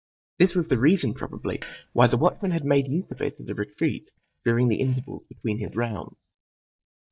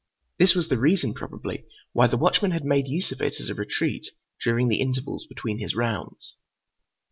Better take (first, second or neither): second